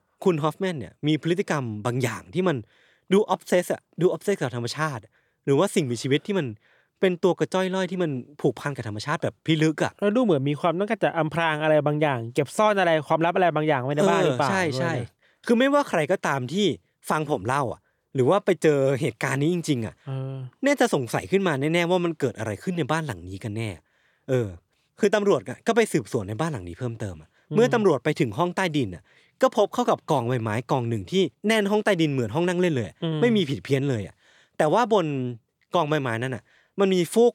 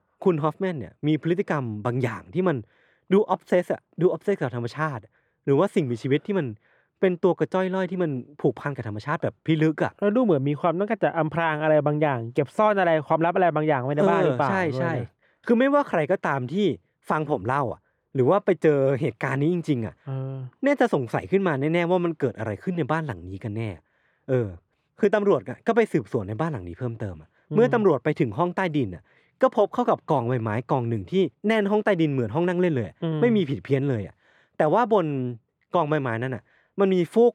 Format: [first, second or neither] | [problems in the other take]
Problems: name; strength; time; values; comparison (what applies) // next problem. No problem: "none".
first | muffled; slightly; fading above 3 kHz